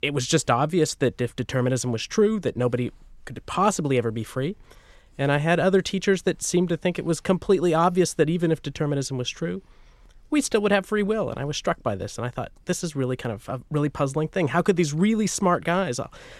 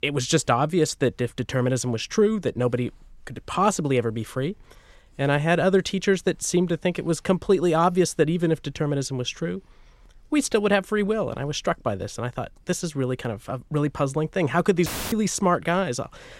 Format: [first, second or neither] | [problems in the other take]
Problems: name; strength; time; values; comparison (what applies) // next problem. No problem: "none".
first | audio cutting out; filled with static; at 15 s